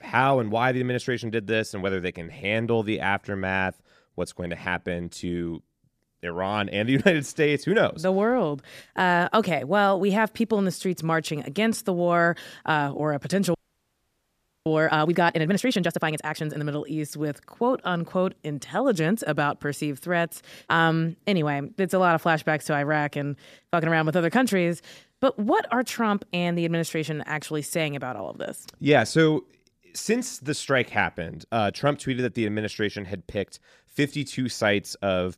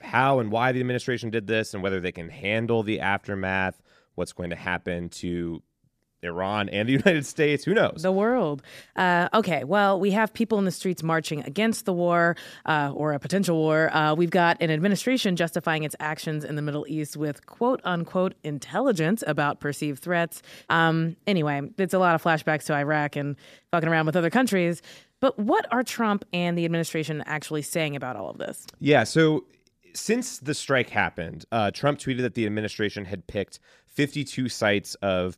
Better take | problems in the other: second | audio freezing; at 14 s for 1 s

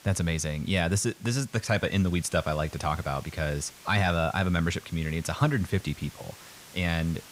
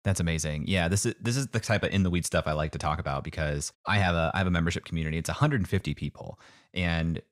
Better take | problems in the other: second | hiss; faint; throughout; 20 dB below the speech

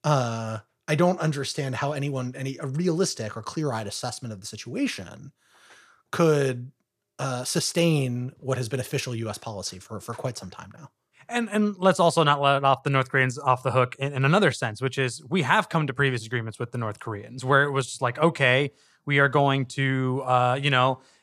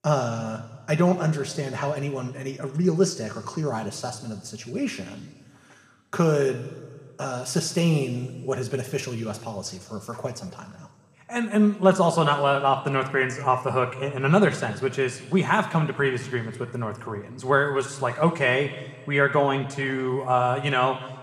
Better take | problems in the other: first | room echo; slight; dies away in 1.7 s

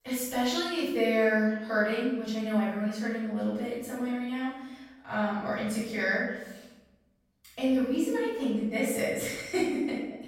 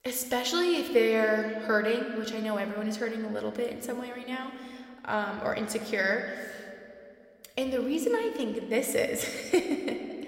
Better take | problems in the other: second | room echo; strong; dies away in 1 s; slight in the second // off-mic speech; far

